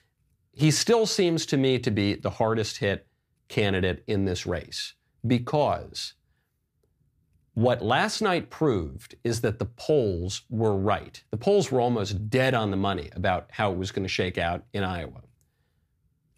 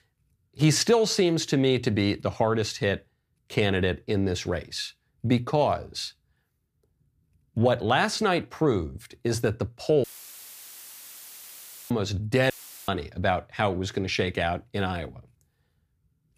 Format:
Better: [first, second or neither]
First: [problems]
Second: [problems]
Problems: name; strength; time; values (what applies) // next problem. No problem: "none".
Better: first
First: none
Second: audio cutting out; filled with static; at 10 s for 2 s and at 13 s